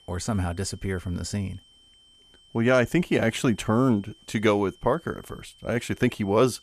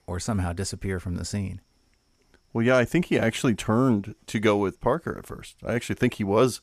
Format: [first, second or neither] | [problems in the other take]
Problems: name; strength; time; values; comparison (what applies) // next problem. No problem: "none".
second | high-pitched whine; faint; throughout; 3 kHz, 30 dB below the speech